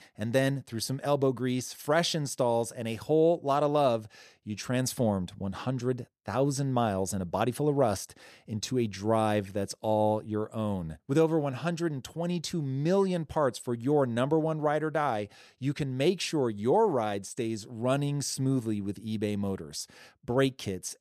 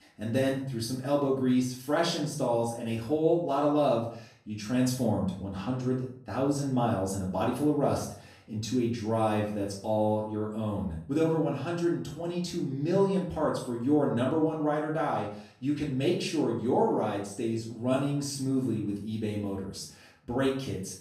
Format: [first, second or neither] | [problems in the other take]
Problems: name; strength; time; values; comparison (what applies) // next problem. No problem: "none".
first | room echo; noticeable; dies away in 0.5 s // off-mic speech; far